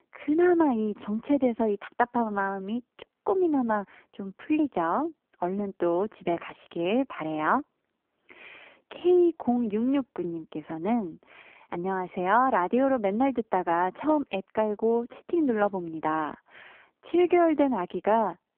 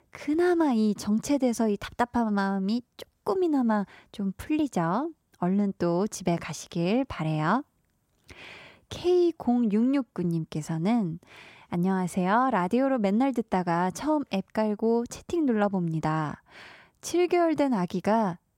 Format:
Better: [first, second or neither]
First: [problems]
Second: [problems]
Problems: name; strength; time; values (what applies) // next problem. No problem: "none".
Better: second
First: phone-call audio; poor line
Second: none